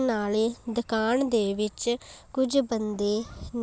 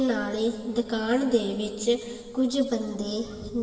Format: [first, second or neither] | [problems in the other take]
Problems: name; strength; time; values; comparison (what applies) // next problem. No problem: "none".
first | room echo; dies away in 1.9 s